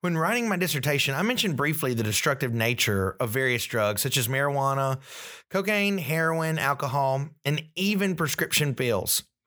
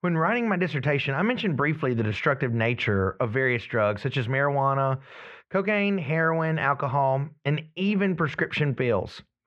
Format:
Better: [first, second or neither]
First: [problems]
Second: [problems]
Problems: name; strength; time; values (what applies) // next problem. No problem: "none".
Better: first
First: none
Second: muffled; very; fading above 2.5 kHz